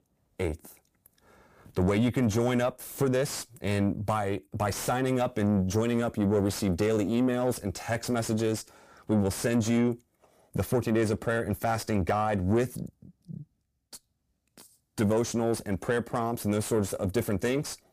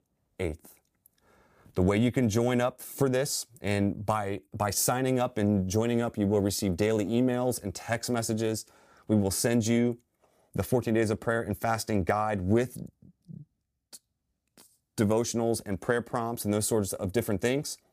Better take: second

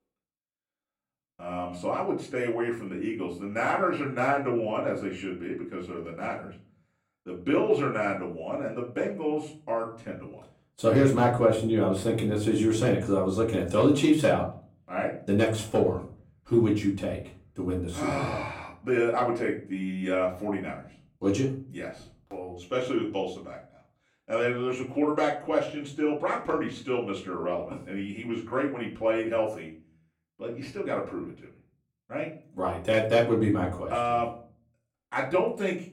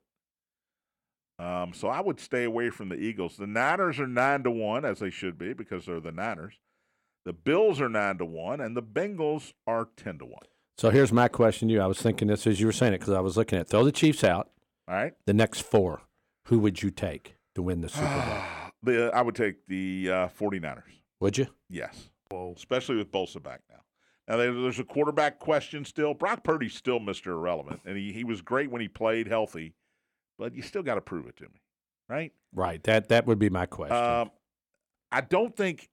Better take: second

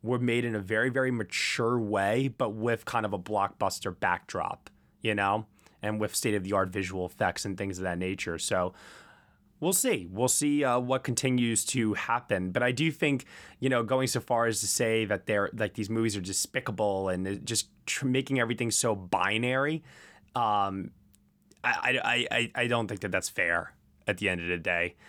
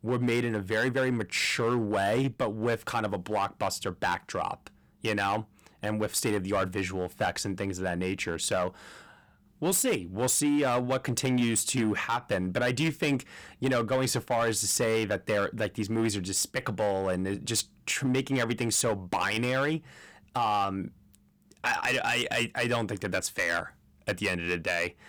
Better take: first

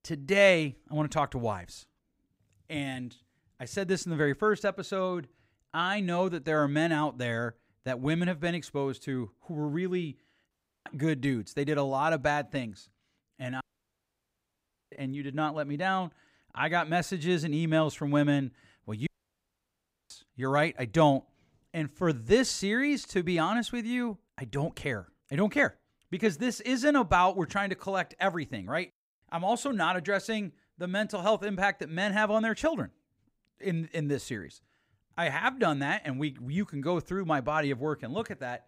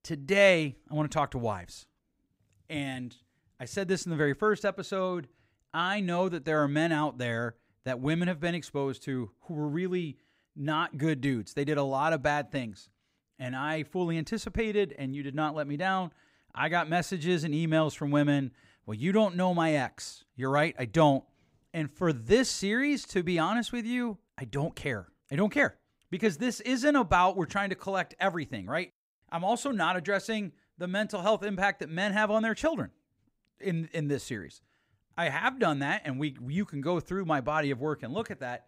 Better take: second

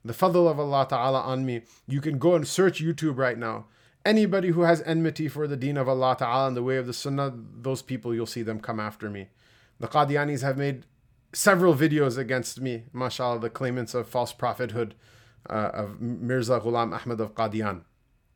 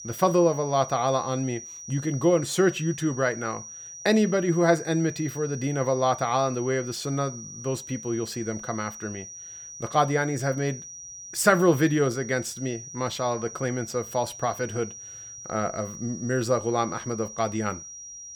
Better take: first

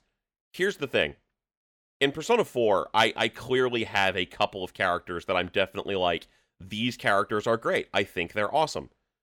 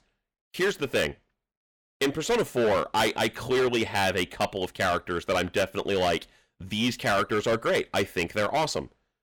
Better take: first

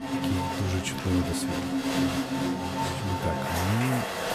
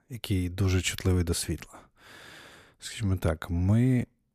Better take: second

